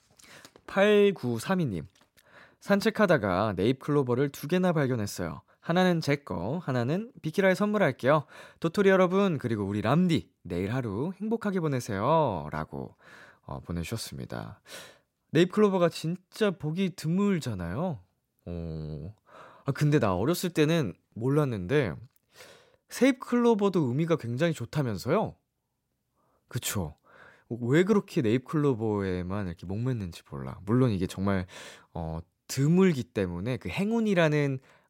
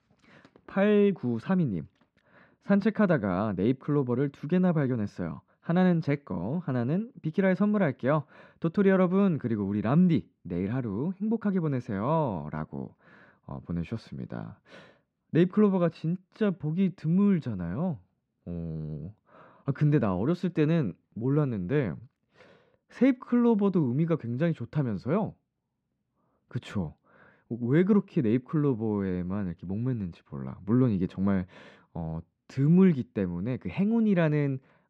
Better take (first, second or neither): first